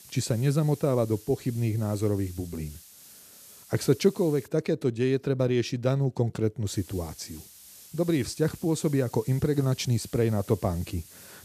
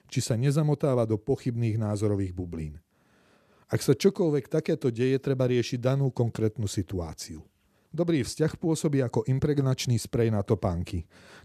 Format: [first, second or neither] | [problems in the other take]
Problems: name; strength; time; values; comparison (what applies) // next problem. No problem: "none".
second | hiss; noticeable; until 4.5 s and from 6.5 s on; 20 dB below the speech